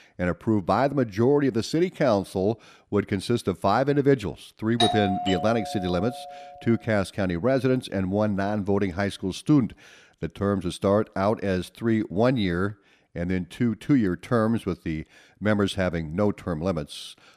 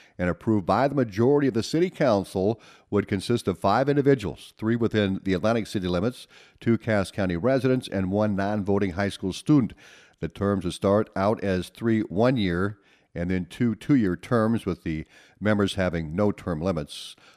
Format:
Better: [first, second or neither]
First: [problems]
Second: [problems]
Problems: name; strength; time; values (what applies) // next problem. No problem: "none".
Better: second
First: doorbell; loud; from 5 to 6 s; peak 1 dB above the speech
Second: none